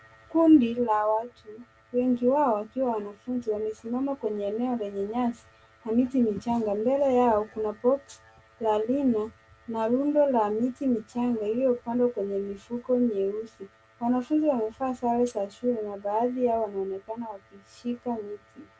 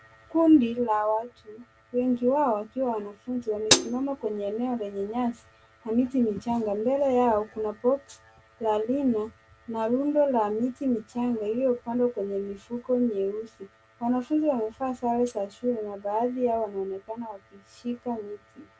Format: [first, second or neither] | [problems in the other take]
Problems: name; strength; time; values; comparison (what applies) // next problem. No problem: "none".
first | background sound (Hi-hat); as loud as the speech